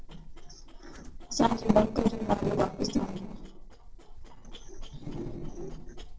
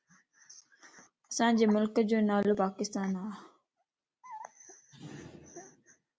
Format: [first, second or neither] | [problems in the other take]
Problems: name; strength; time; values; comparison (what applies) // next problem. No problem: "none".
second | noise reduction (neural separator model SepFormer DNS4)